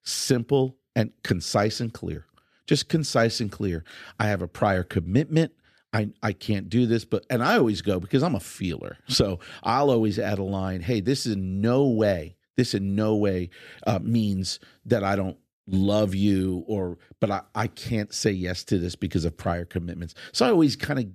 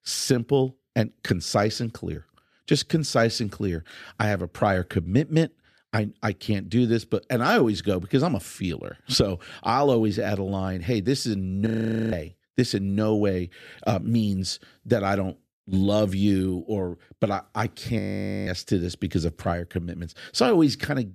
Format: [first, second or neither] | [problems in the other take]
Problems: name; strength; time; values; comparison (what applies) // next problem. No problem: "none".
first | audio freezing; at 12 s and at 18 s